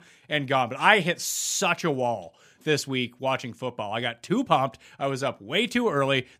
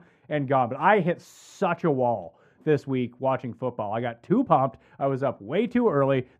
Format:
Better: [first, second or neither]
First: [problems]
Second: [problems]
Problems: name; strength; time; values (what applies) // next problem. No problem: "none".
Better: first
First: none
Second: muffled; very; fading above 2 kHz